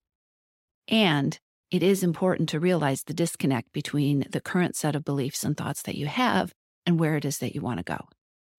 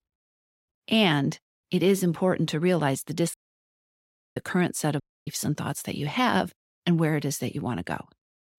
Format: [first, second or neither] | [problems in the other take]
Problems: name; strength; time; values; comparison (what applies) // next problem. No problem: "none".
first | audio cutting out; at 3.5 s for 1 s and at 5 s